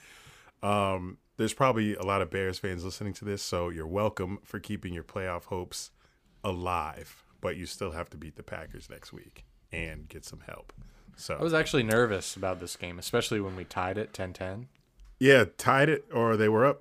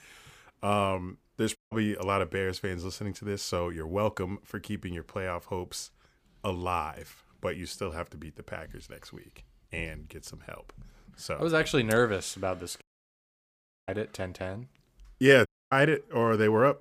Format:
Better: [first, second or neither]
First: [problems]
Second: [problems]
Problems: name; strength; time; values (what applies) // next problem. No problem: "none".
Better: first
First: none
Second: audio cutting out; at 1.5 s, at 13 s for 1 s and at 15 s